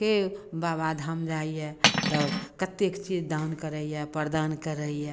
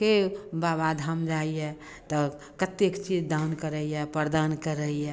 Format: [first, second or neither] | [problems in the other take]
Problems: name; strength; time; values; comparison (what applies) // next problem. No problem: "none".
second | background sound (Cutlery, silverware); 4 dB above the speech